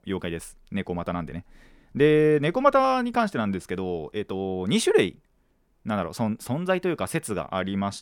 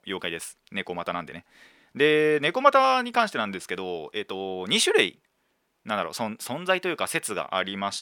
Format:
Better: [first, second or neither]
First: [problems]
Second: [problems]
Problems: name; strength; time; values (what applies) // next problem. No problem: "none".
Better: first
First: none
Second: thin; somewhat; fading below 750 Hz